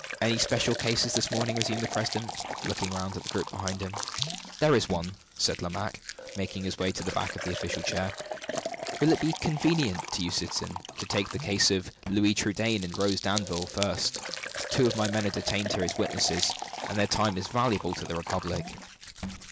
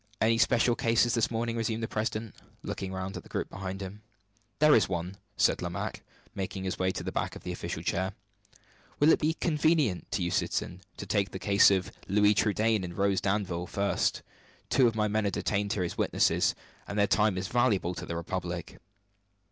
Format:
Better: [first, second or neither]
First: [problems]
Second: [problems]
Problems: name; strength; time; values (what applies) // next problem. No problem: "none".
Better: second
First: background sound (Liquid + Crumpling, crinkling); 7 dB below the speech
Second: none